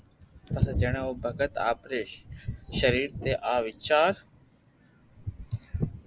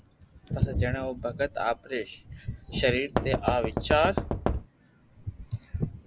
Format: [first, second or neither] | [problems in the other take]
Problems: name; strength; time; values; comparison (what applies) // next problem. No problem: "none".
first | background sound (Knock); as loud as the speech